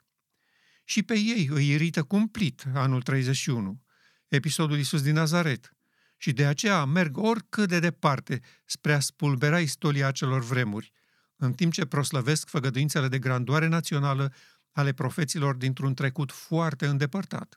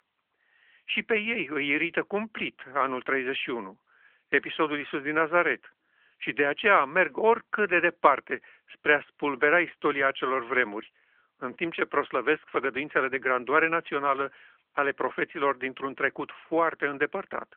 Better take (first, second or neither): first